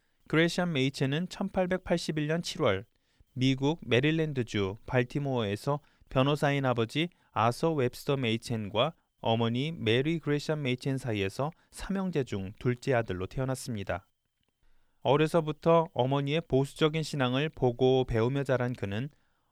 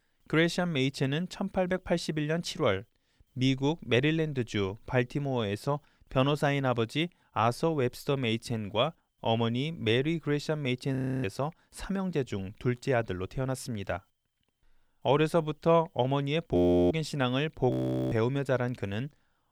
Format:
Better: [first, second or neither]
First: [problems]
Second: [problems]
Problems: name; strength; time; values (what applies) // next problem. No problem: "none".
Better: first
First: none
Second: audio freezing; at 11 s, at 17 s and at 18 s